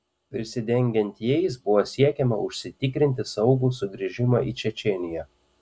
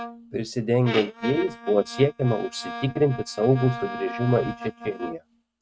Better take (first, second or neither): first